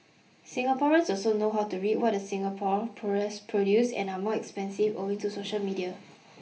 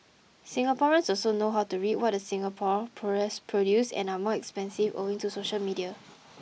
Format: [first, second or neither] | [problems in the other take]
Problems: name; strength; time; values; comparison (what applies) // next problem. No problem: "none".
second | room echo; dies away in 0.3 s